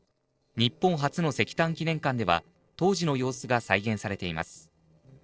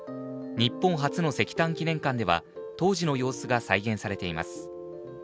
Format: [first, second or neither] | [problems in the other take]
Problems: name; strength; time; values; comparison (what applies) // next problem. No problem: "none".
second | noise reduction (neural separator model SepFormer DNS4)